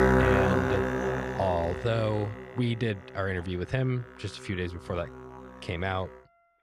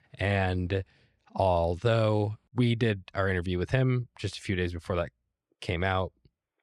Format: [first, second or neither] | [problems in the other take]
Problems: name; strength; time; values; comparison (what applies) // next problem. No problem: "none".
second | background music; very loud; throughout; 3 dB above the speech